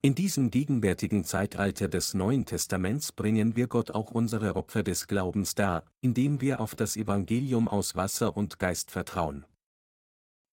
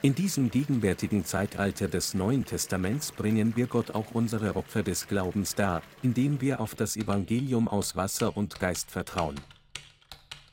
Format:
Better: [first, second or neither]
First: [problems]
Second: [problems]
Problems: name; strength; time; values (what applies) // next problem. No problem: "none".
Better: first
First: none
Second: household noises; noticeable; throughout; 20 dB below the speech